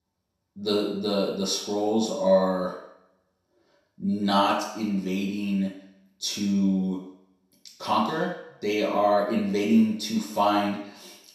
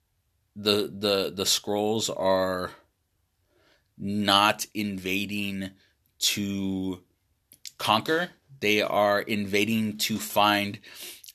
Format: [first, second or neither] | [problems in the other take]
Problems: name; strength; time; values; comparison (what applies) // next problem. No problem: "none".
second | room echo; noticeable; dies away in 0.7 s // off-mic speech; far